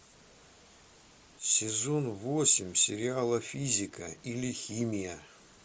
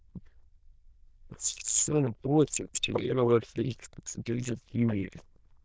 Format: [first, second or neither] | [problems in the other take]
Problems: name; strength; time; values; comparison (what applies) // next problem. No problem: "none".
first | noise reduction (neural diffusion model UNIVERSE++)